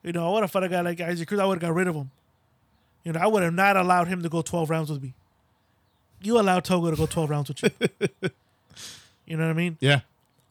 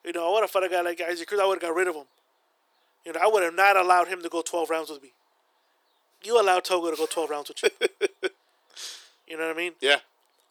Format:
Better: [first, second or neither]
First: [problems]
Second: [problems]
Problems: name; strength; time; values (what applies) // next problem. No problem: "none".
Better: first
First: none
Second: thin; very; fading below 350 Hz